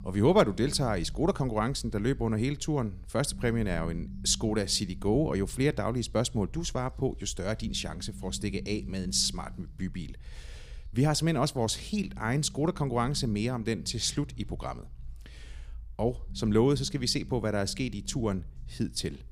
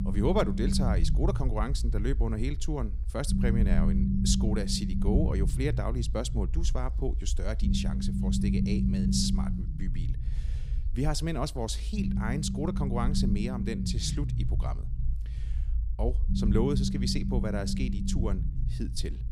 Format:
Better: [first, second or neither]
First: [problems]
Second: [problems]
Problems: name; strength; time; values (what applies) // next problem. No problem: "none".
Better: first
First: low rumble; faint; throughout; 25 dB below the speech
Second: low rumble; loud; throughout; 5 dB below the speech